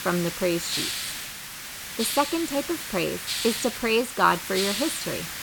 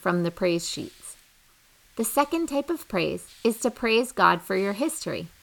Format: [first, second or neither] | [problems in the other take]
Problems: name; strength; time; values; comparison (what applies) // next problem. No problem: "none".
second | hiss; loud; throughout; 4 dB below the speech; faint in the second